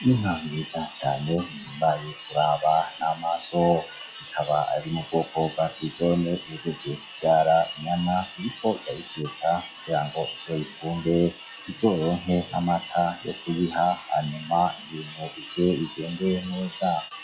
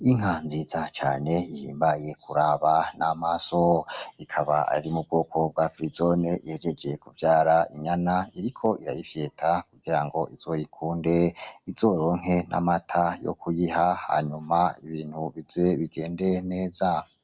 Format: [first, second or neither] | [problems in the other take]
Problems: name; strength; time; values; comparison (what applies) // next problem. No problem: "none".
second | noise reduction (classical method log-MMSE)